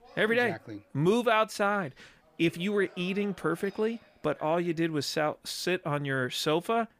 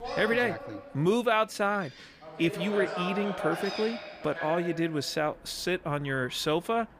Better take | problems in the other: first | animal sounds; loud; throughout; 7 dB below the speech; faint in the first

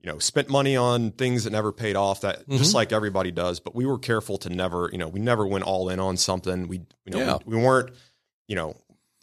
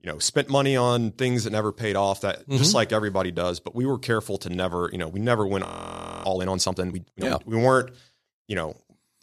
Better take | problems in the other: first | audio freezing; at 5.5 s for 0.5 s

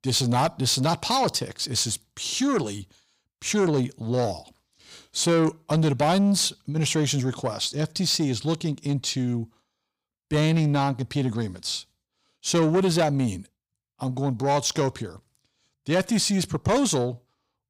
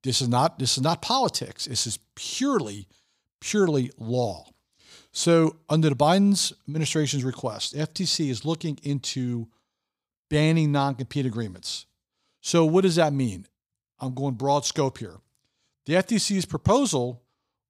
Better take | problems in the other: second | distortion; slight; 10 dB below the speech

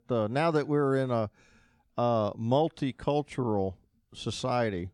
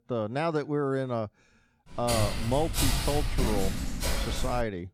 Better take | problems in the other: first | footsteps; loud; from 2 s on; peak 4 dB above the speech

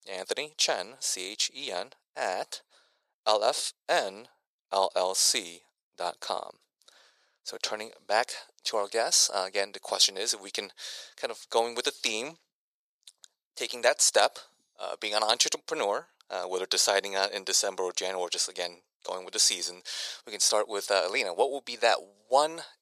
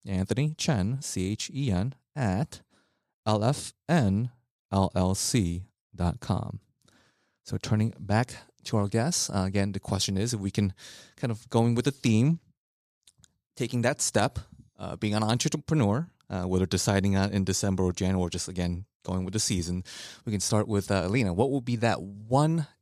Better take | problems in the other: second | thin; very; fading below 500 Hz

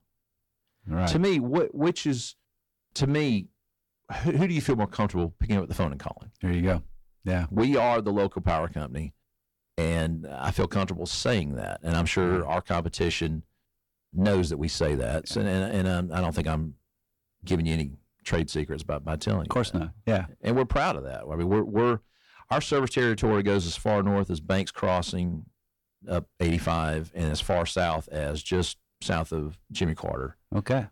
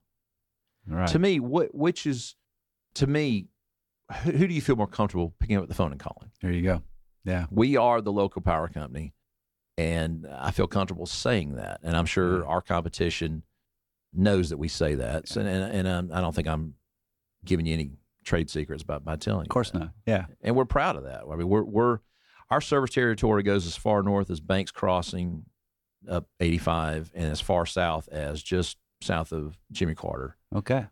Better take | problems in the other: second | distortion; slight; 10 dB below the speech

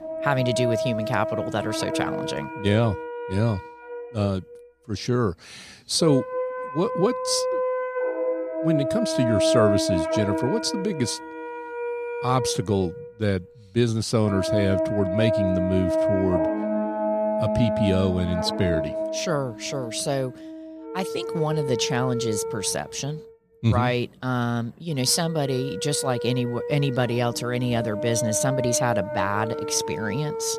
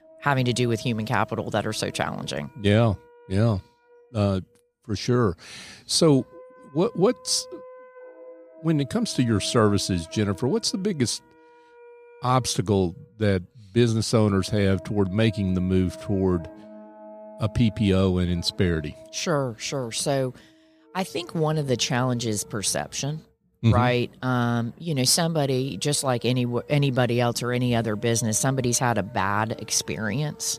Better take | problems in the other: second | background music; loud; throughout; 2 dB below the speech; faint in the second

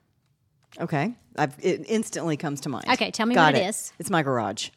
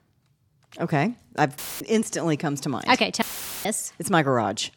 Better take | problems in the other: first | audio cutting out; filled with static; at 1.5 s and at 3 s

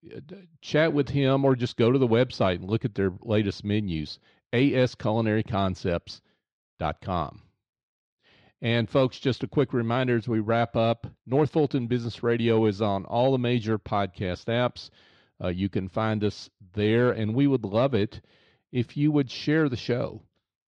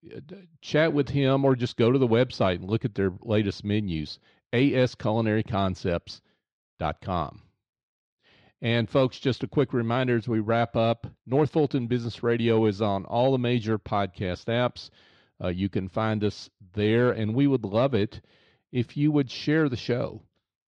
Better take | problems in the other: neither | muffled; slightly; fading above 3.5 kHz; the same in both

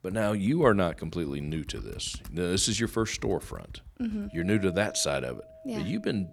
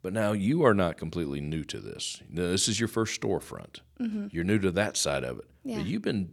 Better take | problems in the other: second | household noises; noticeable; throughout; 20 dB below the speech

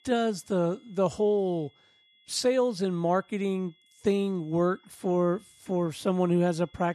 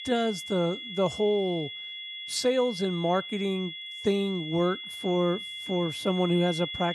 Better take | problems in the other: first | high-pitched whine; loud; throughout; 3.5 kHz, 8 dB below the speech; faint in the first

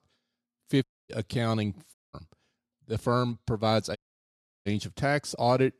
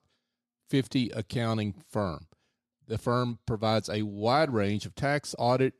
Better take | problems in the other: second | audio cutting out; at 1 s, at 2 s and at 4 s for 0.5 s

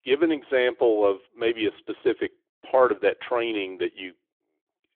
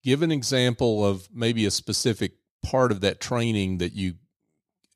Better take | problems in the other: second | phone-call audio; nothing above 3.5 kHz

